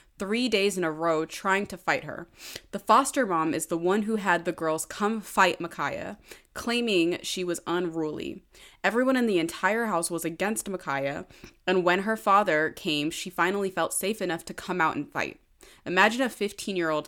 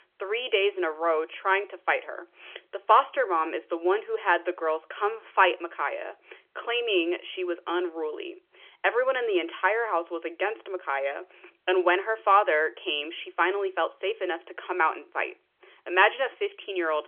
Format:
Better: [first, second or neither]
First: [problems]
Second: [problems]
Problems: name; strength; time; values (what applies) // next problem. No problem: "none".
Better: first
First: none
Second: phone-call audio; nothing above 3 kHz